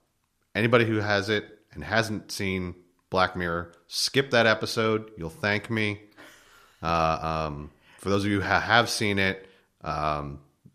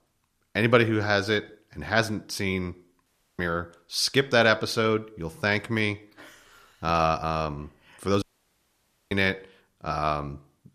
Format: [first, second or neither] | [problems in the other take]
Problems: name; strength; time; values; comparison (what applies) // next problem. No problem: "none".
first | audio cutting out; at 3 s and at 8 s for 1 s